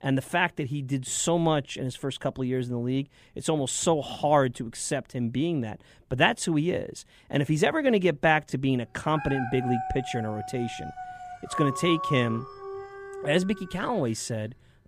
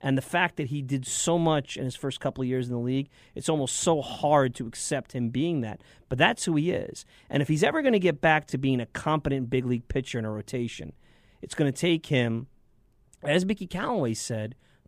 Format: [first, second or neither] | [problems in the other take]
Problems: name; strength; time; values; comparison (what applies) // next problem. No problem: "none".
second | dog barking; noticeable; from 9 to 14 s; peak 4 dB below the speech